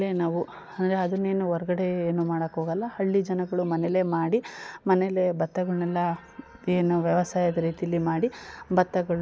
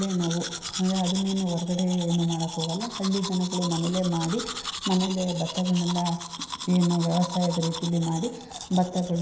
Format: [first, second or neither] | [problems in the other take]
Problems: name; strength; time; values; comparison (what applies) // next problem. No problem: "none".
first | background sound (Domestic sounds, home sounds); 9 dB below the speech // room echo; dies away in 0.9 s